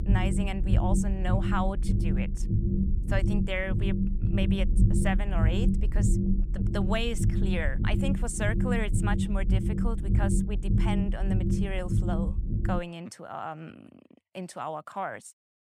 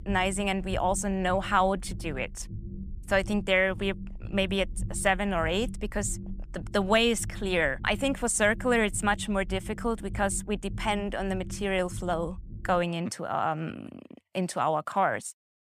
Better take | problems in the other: second | low rumble; loud; until 13 s; 3 dB below the speech; faint in the second

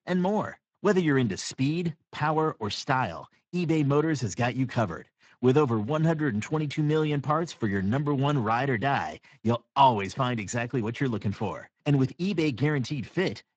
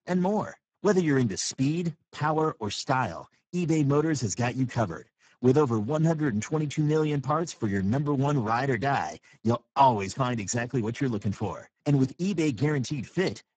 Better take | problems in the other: first | garbled, watery; badly; nothing above 7.5 kHz; slightly in the first

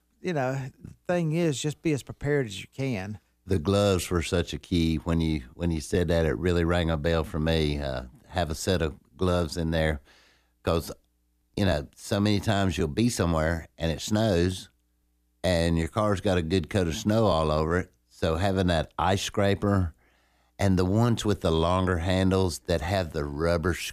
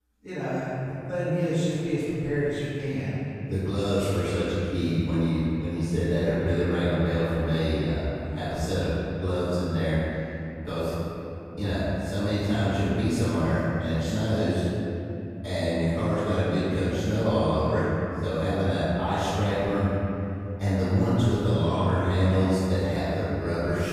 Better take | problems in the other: first | off-mic speech; far // room echo; strong; dies away in 3 s

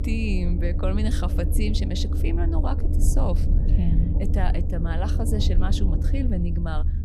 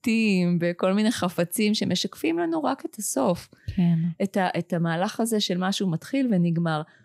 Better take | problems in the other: second | low rumble; loud; throughout; 5 dB below the speech

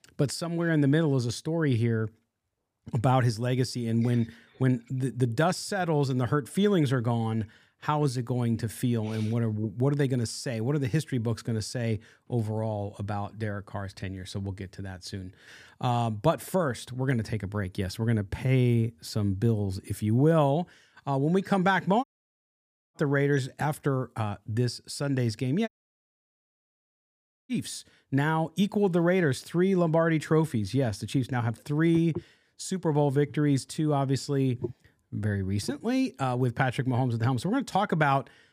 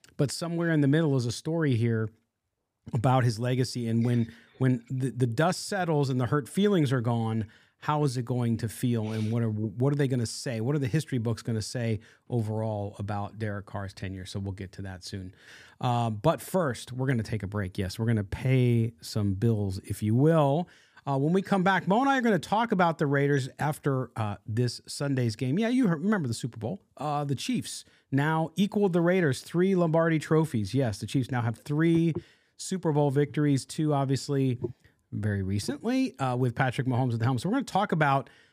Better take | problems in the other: second | audio cutting out; at 22 s for 1 s and at 26 s for 2 s

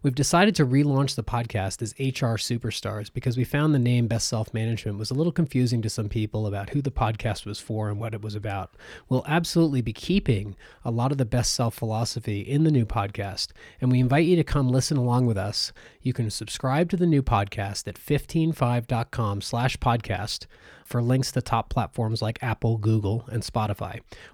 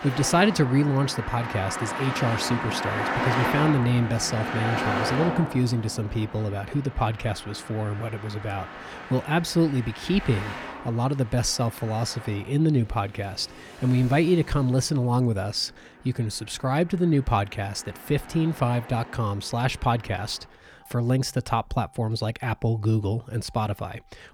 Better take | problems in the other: first | traffic noise; loud; throughout; 7 dB below the speech

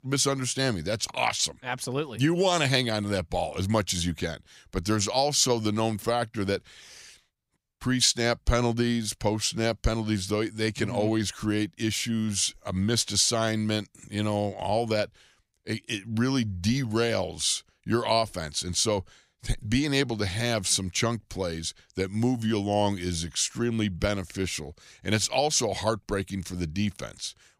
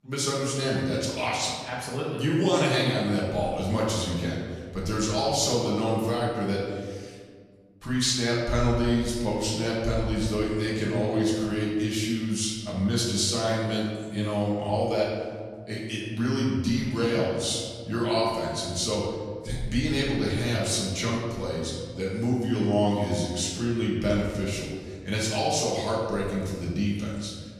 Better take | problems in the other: first | room echo; noticeable; dies away in 1.7 s // off-mic speech; far

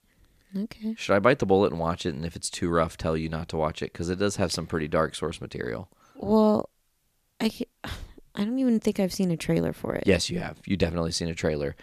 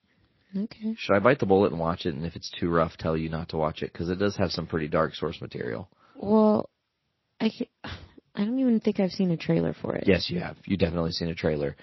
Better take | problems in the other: first | garbled, watery; slightly; nothing above 5.5 kHz

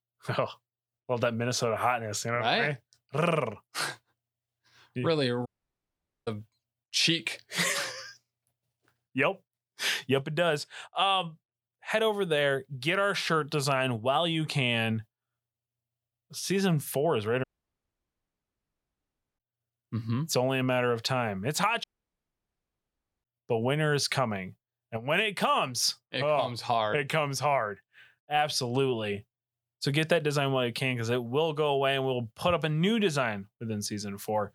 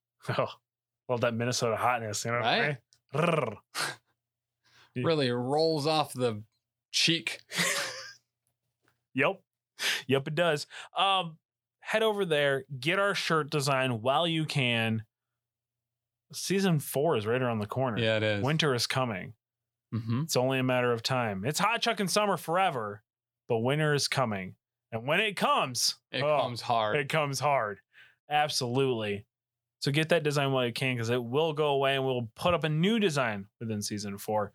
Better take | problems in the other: second | audio cutting out; at 5.5 s for 1 s, at 17 s for 2 s and at 22 s for 1.5 s

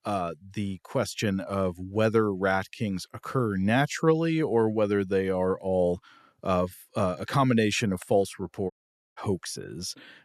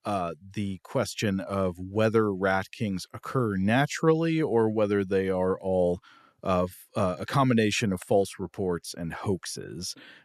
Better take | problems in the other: second | audio cutting out; at 8.5 s

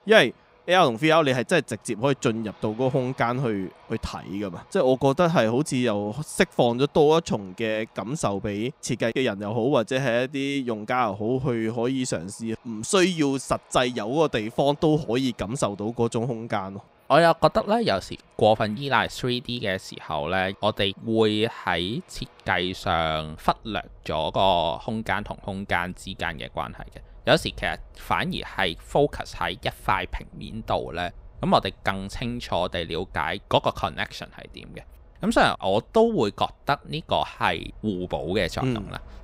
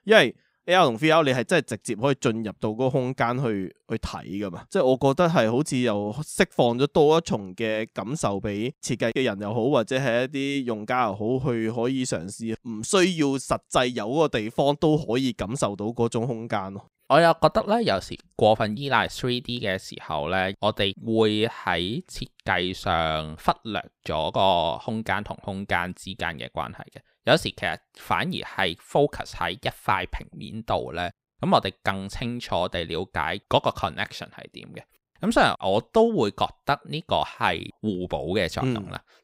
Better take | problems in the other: second | train or aircraft noise; faint; throughout; 25 dB below the speech

